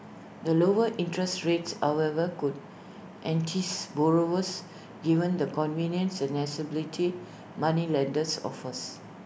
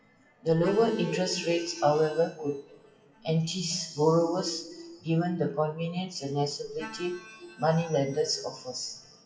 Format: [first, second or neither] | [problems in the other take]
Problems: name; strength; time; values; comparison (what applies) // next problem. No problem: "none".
first | noise reduction (classical method WPE with log-MMSE)